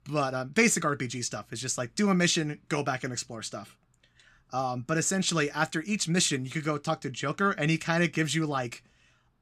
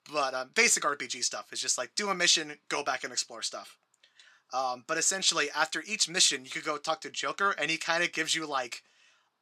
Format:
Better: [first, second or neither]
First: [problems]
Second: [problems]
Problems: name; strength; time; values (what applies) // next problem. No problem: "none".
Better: first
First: none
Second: thin; very; fading below 500 Hz